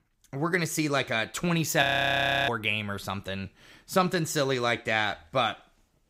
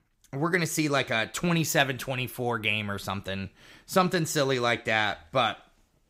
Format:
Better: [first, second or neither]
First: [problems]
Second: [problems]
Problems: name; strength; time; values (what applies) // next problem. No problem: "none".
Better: second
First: audio freezing; at 2 s for 0.5 s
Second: none